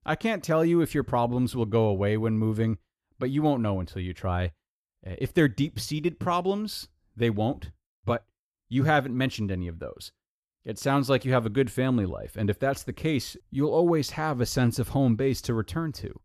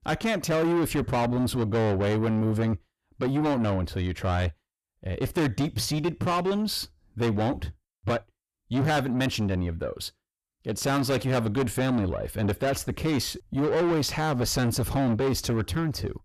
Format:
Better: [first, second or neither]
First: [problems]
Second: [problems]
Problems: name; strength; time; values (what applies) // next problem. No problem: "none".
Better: first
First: none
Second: distortion; heavy; 7 dB below the speech